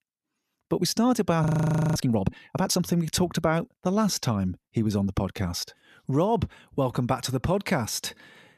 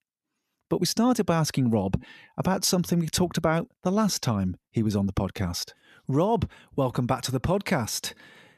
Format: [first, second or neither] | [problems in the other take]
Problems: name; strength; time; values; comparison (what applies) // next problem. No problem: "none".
second | audio freezing; at 1.5 s for 0.5 s